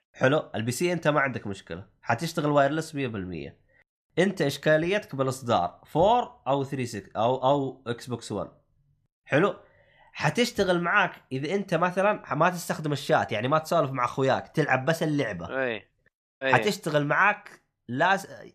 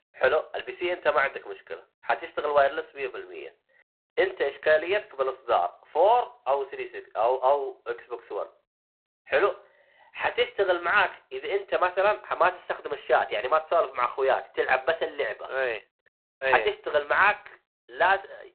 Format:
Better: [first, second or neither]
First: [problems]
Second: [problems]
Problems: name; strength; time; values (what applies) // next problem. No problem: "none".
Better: first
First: none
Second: phone-call audio; poor line; nothing above 4 kHz